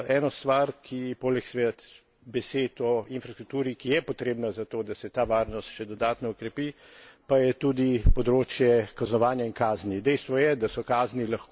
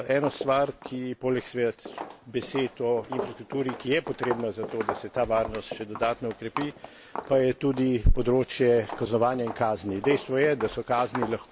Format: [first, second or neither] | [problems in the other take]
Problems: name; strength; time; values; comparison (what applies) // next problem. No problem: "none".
first | background sound (Walk, footsteps); 12 dB below the speech